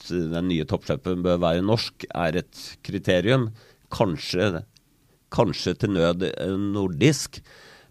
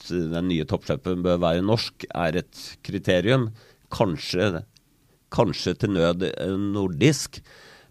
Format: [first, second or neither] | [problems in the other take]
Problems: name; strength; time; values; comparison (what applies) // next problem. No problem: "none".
neither | none